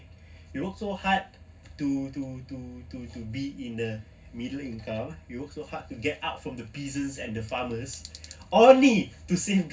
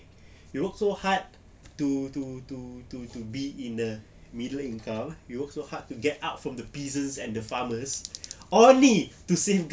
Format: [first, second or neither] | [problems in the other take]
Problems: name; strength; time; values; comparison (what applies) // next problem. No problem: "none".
second | room echo; dies away in 0.4 s